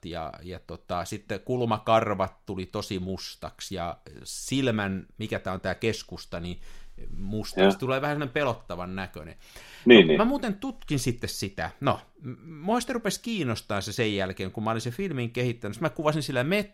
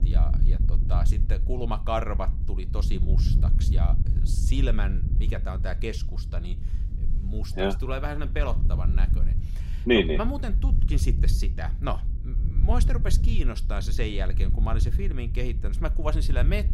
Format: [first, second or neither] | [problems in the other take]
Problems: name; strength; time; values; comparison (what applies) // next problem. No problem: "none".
first | wind noise on the microphone; occasional gusts; 10 dB below the speech